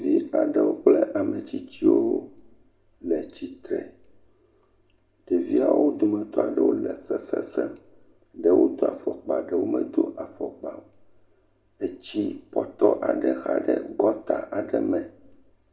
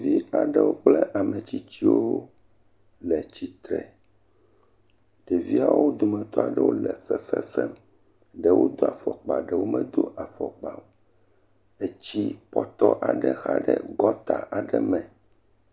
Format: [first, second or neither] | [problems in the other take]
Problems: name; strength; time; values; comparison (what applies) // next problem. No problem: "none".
second | room echo; dies away in 0.4 s